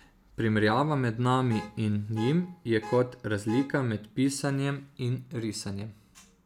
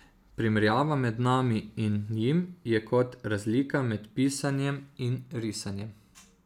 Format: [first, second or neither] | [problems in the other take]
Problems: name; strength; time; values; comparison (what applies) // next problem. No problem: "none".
second | background sound (Alarm / Car); 16 dB below the speech